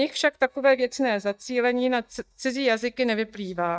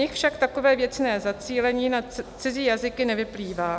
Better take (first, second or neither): second